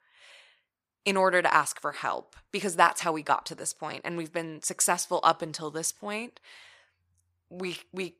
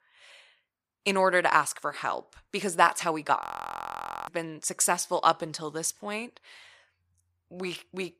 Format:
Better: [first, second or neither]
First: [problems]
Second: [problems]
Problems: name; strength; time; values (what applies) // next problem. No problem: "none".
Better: first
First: none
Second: audio freezing; at 3.5 s for 1 s